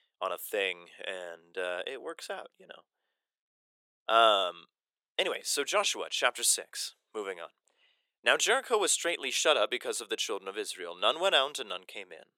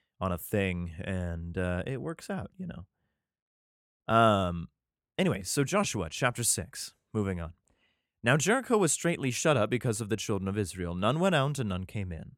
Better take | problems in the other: second | thin; very; fading below 400 Hz

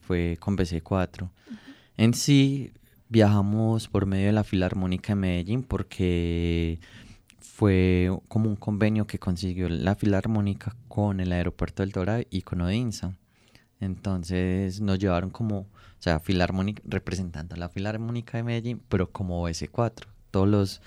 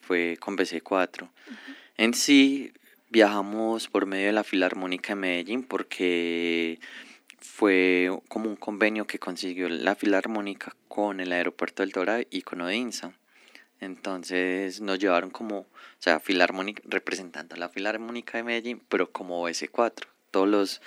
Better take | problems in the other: first | thin; somewhat; fading below 250 Hz

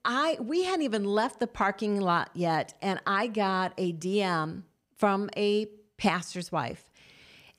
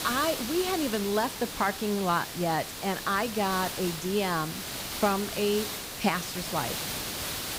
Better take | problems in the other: first | hiss; loud; throughout; 5 dB below the speech

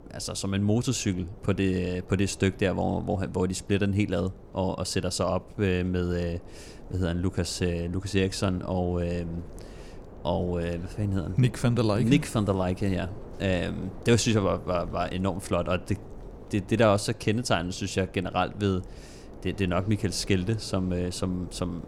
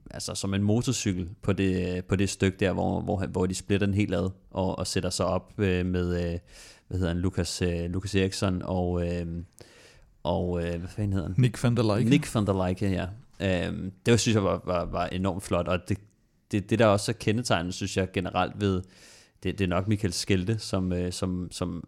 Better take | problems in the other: second | wind noise on the microphone; occasional gusts; 20 dB below the speech

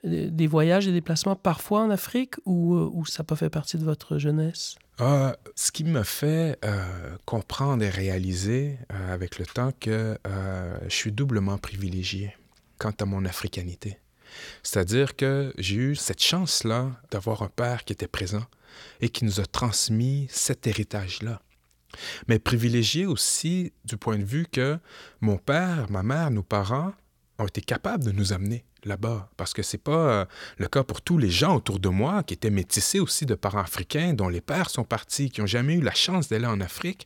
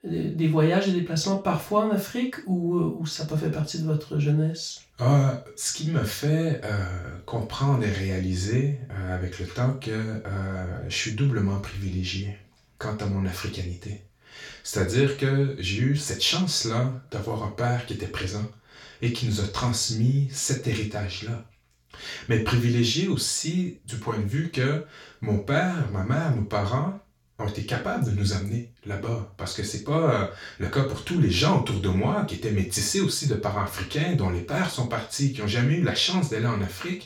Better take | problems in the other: first | room echo; noticeable; dies away in 0.3 s // off-mic speech; far

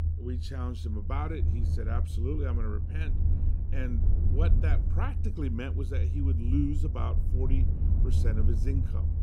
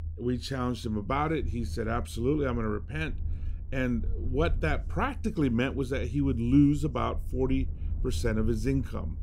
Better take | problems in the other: second | low rumble; loud; throughout; 5 dB below the speech; faint in the second

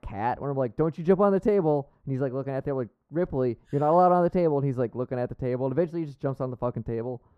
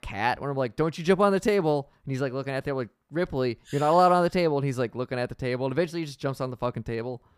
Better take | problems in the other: second | muffled; very; fading above 1.5 kHz

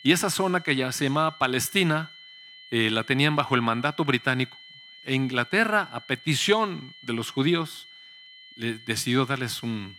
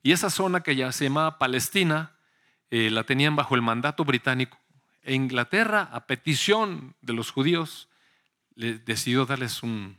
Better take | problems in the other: second | high-pitched whine; faint; throughout; 3 kHz, 20 dB below the speech

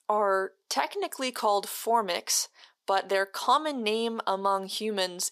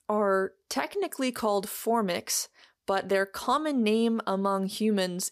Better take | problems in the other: second | thin; somewhat; fading below 350 Hz

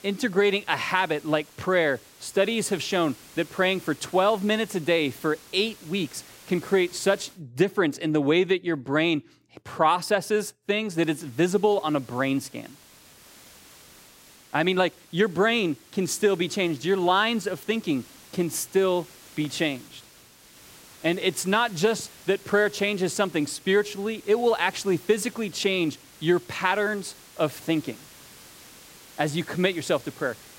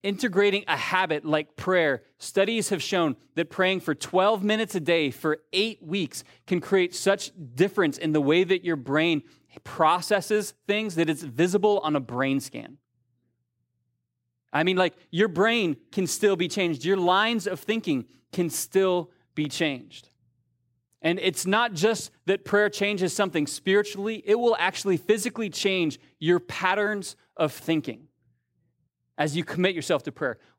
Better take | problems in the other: second | hiss; faint; until 7.5 s and from 11 s on; 20 dB below the speech

